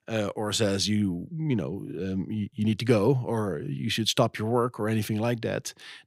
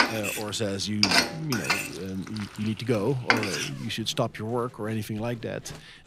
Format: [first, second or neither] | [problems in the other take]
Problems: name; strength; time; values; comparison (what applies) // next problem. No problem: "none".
first | household noises; very loud; throughout; 5 dB above the speech